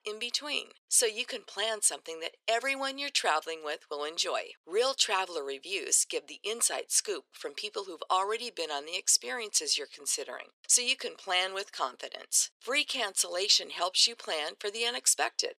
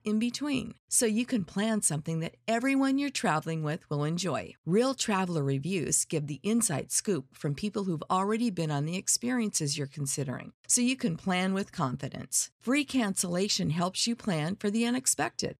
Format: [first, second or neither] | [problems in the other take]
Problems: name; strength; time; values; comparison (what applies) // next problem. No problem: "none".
second | thin; very; fading below 400 Hz